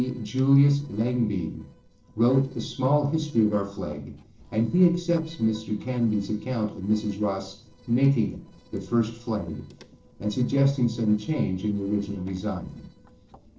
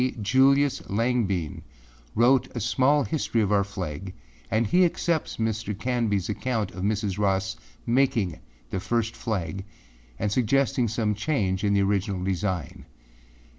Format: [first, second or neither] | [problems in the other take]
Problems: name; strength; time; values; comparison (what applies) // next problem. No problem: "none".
second | noise reduction (neural separator model SepFormer DNS4)